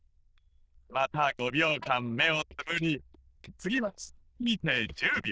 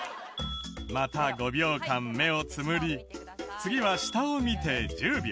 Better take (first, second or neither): second